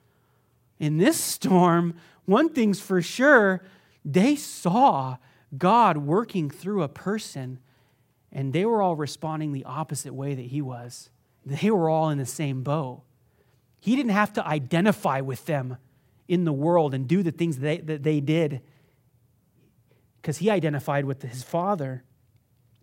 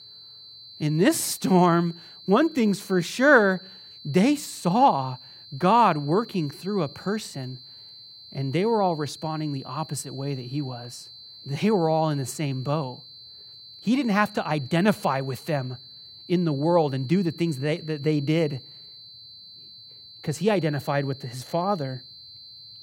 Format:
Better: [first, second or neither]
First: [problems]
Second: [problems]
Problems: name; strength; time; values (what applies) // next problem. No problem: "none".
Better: first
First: none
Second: high-pitched whine; noticeable; throughout; 4 kHz, 20 dB below the speech